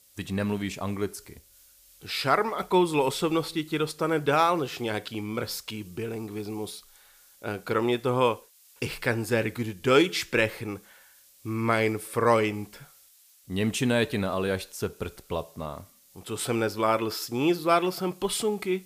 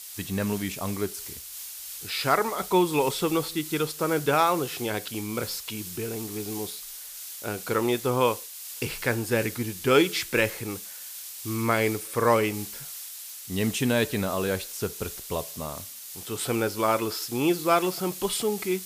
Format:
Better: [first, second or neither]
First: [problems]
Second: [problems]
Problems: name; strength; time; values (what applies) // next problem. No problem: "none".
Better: first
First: hiss; faint; throughout; 25 dB below the speech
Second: hiss; loud; throughout; 10 dB below the speech